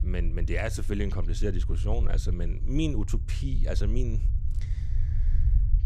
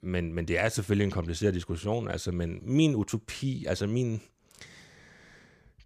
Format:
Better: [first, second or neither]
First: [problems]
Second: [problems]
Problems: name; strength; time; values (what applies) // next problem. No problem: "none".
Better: second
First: low rumble; noticeable; throughout; 15 dB below the speech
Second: none